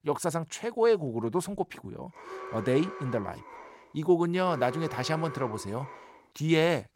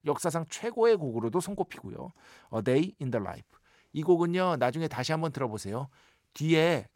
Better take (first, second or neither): second